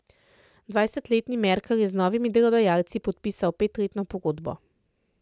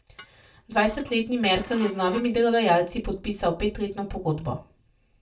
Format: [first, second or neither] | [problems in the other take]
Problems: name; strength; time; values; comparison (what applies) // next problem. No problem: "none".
first | background sound (Dishes, pots, and pans / Glass); 19 dB below the speech // room echo; dies away in 0.2 s